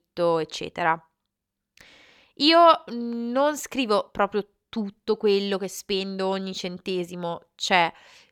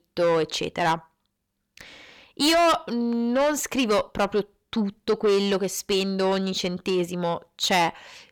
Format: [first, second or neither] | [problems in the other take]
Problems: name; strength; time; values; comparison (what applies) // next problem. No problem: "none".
first | distortion; heavy; 6 dB below the speech